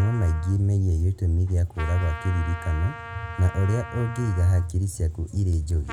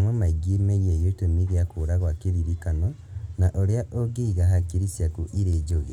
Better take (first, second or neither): second